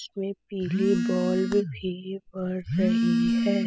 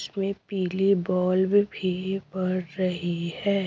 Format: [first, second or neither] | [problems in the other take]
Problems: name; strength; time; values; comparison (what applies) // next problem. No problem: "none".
second | noise reduction (classical method spectral subtraction)